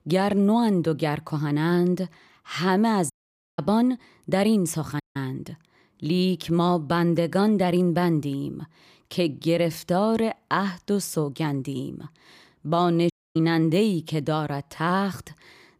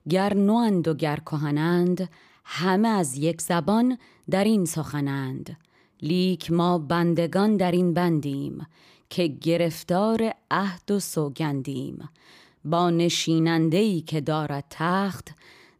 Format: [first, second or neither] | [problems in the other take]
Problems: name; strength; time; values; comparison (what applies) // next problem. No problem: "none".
second | audio cutting out; at 3 s, at 5 s and at 13 s